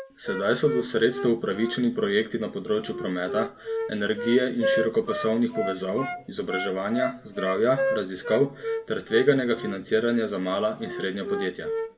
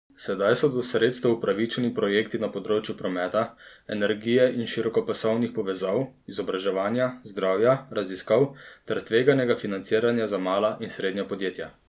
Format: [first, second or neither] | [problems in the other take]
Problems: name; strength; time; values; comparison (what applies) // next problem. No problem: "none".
second | background sound (Wind instrument, woodwind instrument); 7 dB below the speech // room echo; dies away in 1.4 s